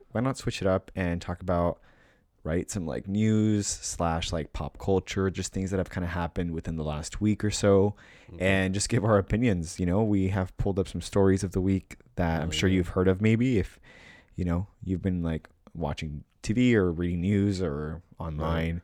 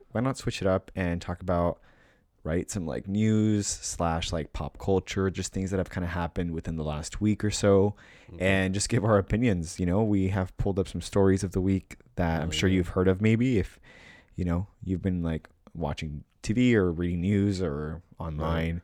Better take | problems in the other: neither | none

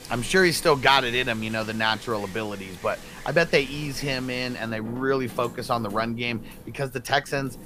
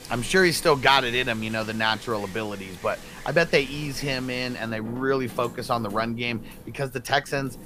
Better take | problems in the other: neither | wind in the background; noticeable; throughout; 15 dB below the speech; the same in both

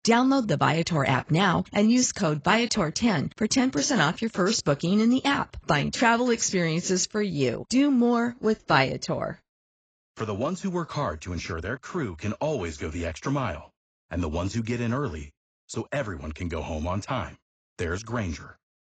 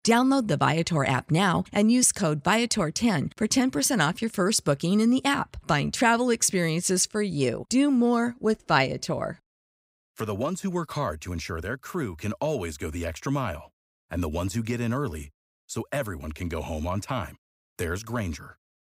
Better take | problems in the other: second | garbled, watery; badly; nothing above 7.5 kHz

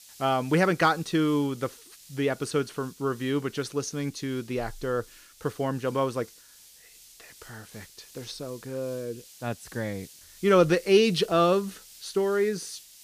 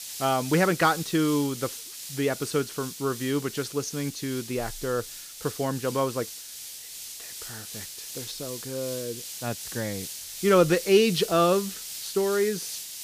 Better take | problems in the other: first | hiss; loud; throughout; 10 dB below the speech; faint in the first

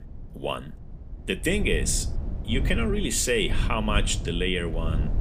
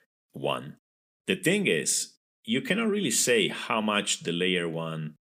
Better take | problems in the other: second | wind noise on the microphone; occasional gusts; 15 dB below the speech

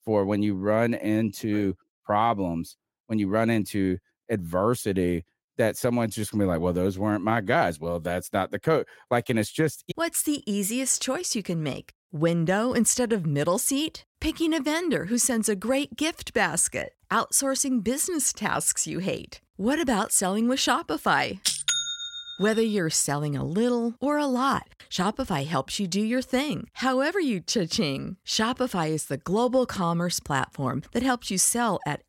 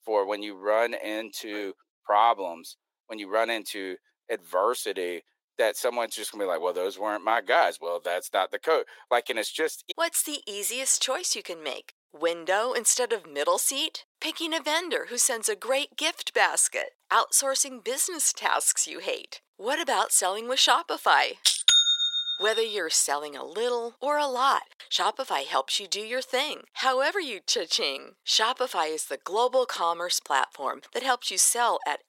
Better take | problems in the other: first | thin; very; fading below 450 Hz

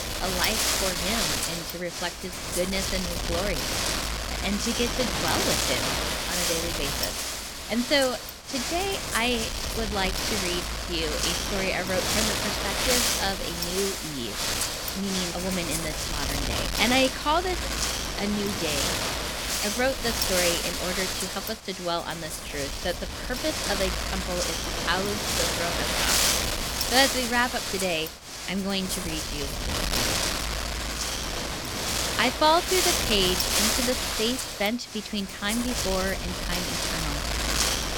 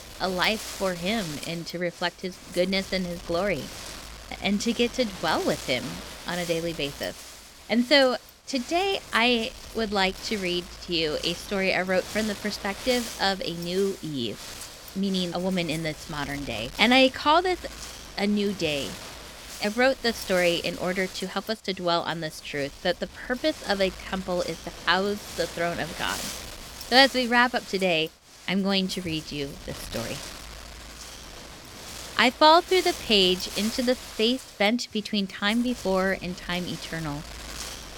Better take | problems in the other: second | wind noise on the microphone; heavy; 1 dB above the speech; occasional gusts in the second

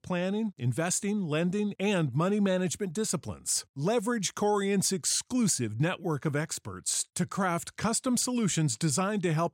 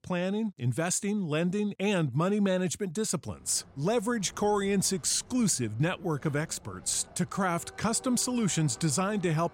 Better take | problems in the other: first | train or aircraft noise; faint; from 3.5 s on; 25 dB below the speech

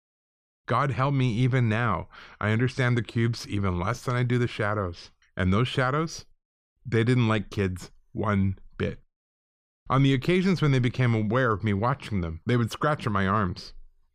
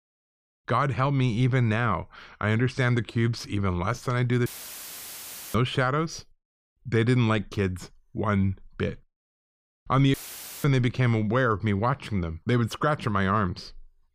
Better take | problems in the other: first | audio cutting out; filled with static; at 4.5 s for 1 s and at 10 s for 0.5 s

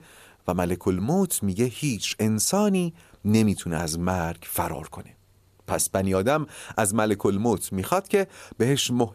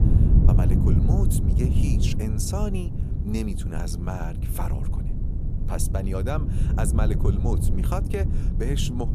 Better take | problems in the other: first | wind noise on the microphone; heavy; 3 dB below the speech

